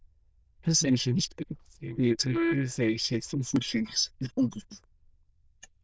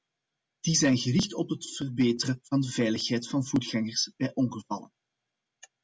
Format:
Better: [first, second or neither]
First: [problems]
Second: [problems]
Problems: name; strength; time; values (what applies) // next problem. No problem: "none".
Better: second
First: noise reduction (neural diffusion model UNIVERSE++)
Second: none